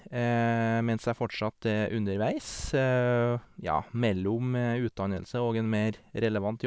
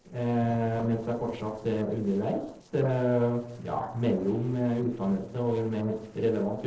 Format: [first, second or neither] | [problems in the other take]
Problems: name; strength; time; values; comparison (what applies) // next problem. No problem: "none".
first | noise reduction (neural separator model SepFormer DNS4)